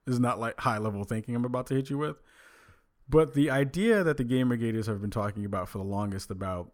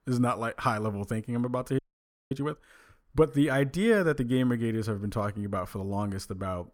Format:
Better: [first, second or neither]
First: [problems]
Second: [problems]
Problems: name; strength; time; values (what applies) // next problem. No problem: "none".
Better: first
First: none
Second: audio freezing; at 2 s for 0.5 s